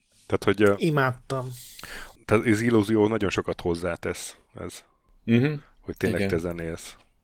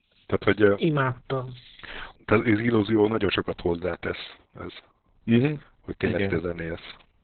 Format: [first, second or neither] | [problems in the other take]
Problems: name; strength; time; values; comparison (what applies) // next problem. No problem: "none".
first | garbled, watery; badly; nothing above 4 kHz; slightly in the first